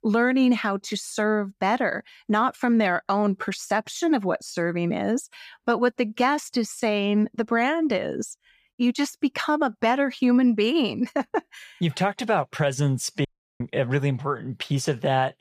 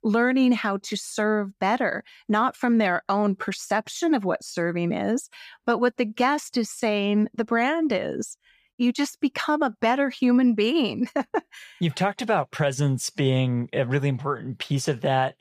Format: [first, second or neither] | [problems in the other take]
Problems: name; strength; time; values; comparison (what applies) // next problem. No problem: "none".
second | audio cutting out; at 13 s